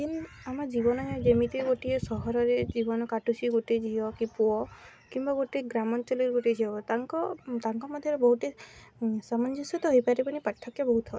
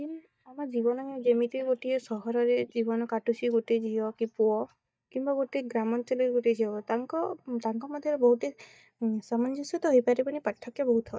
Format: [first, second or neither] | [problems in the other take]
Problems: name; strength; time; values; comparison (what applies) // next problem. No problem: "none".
first | noise reduction (neural mask model DeepFilterNet 3)